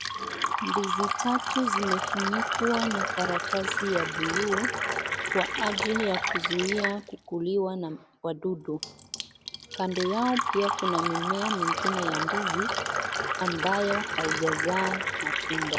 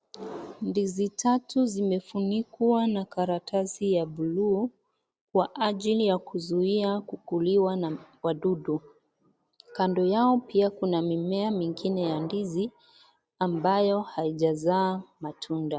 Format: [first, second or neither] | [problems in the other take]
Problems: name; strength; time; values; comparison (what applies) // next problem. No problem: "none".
second | background sound (Fill (with liquid)); 1 dB above the speech